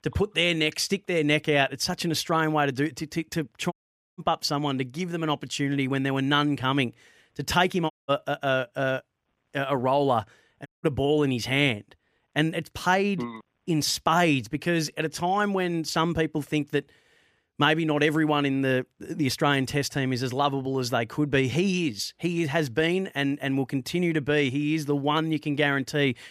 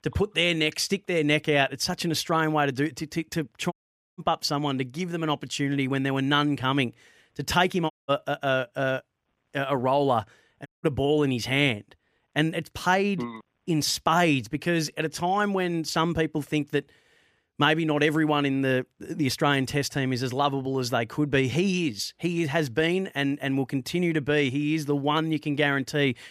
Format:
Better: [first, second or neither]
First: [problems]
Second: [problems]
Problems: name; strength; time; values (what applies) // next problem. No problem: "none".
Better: neither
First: audio cutting out; at 3.5 s, at 8 s and at 11 s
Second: audio cutting out; at 3.5 s, at 8 s and at 11 s